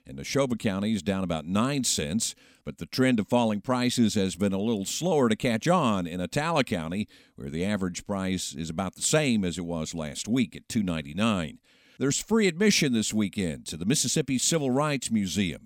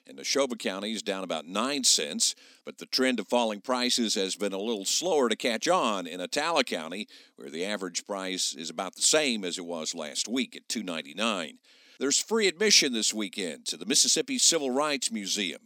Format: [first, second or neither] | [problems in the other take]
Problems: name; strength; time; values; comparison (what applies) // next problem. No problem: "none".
first | thin; very slightly; fading below 250 Hz